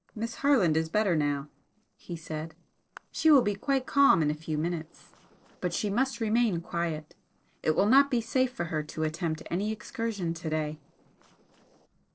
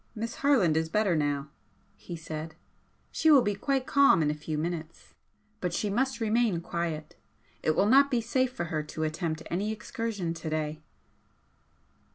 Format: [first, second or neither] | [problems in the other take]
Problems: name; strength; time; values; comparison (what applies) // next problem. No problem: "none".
second | noise reduction (neural separator model SepFormer DNS4)